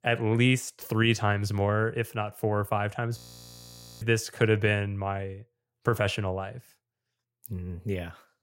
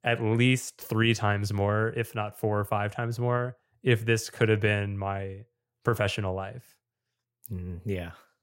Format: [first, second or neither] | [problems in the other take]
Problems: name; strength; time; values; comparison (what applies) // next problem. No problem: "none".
second | audio freezing; at 3 s for 1 s